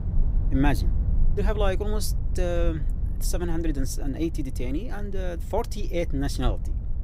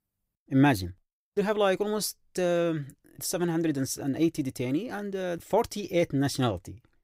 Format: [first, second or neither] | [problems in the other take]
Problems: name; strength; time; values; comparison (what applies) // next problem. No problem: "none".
second | low rumble; noticeable; throughout; 15 dB below the speech